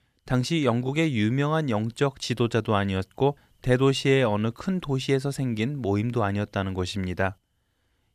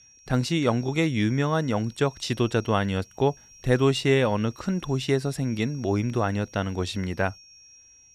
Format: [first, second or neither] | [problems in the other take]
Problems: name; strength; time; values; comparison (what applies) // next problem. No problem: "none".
first | high-pitched whine; faint; throughout; 5.5 kHz, 25 dB below the speech